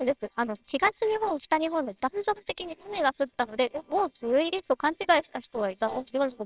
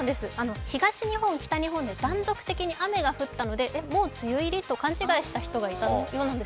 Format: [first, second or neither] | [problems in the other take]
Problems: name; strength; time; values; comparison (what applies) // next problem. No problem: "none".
second | noise reduction (neural separator model SepFormer WHAMR!)